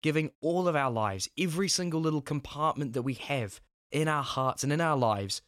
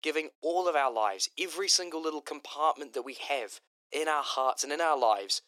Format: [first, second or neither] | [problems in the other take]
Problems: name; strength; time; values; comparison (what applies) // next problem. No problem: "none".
first | thin; very; fading below 350 Hz